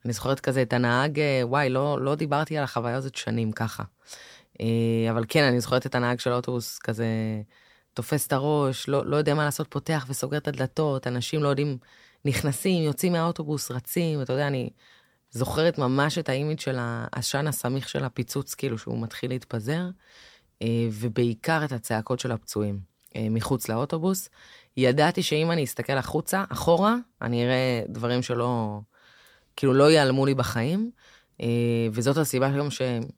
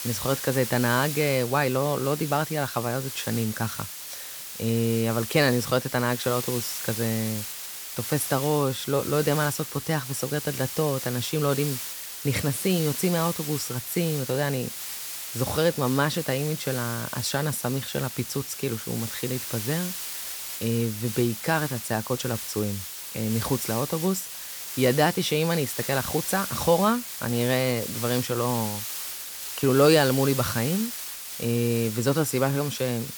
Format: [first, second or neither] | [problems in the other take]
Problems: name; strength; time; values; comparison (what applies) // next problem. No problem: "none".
first | hiss; loud; throughout; 6 dB below the speech